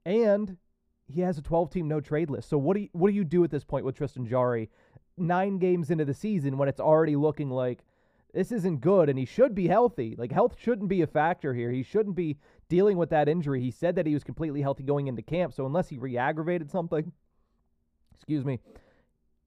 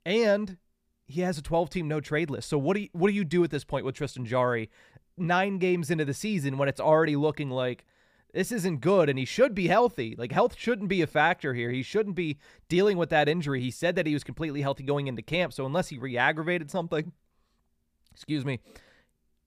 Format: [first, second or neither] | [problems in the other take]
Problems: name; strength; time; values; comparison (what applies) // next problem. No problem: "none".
second | muffled; slightly; fading above 1.5 kHz